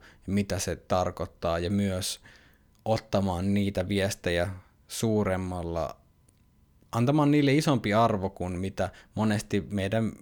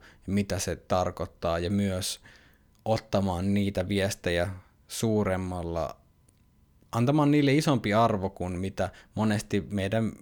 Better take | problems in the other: neither | none

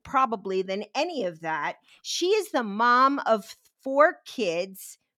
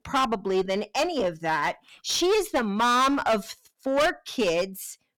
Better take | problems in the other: first | distortion; heavy; 14% of the sound clipped

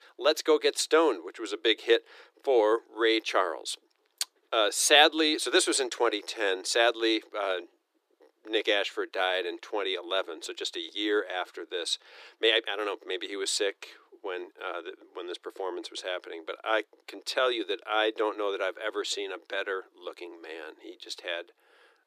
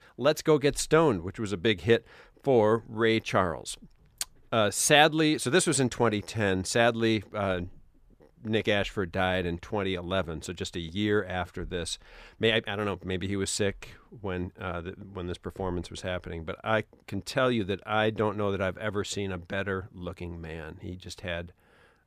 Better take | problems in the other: second | thin; very; fading below 300 Hz

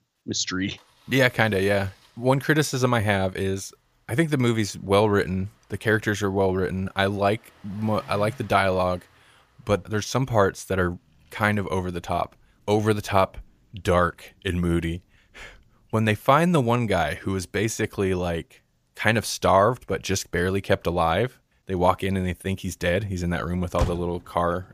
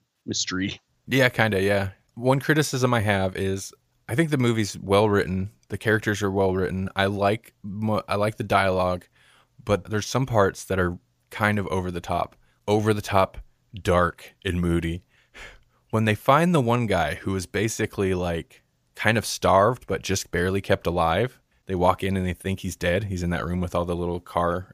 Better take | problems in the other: second | traffic noise; noticeable; throughout; 15 dB below the speech

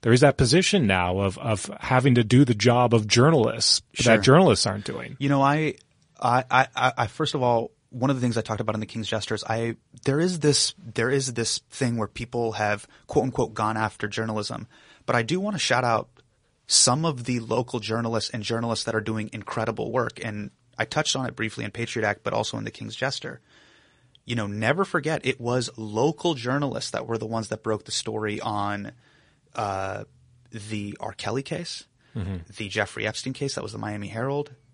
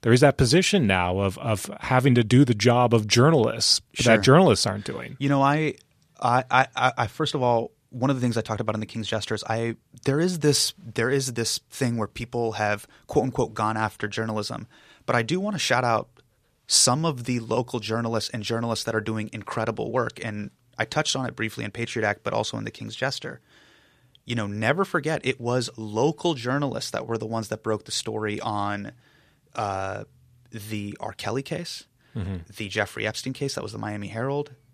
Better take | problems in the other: second | garbled, watery; slightly; nothing above 10 kHz

